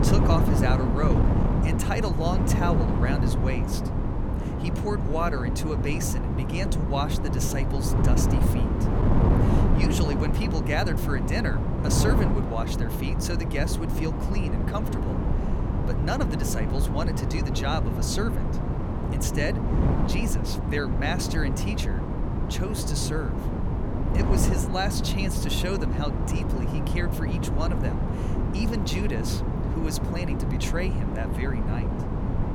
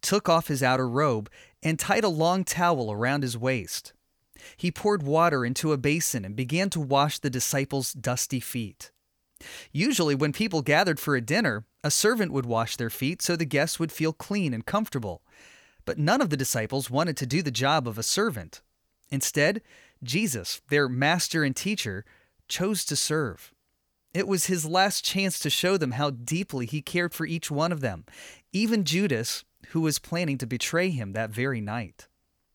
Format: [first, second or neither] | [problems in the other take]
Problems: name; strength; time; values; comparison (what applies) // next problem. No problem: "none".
second | wind noise on the microphone; heavy; 1 dB below the speech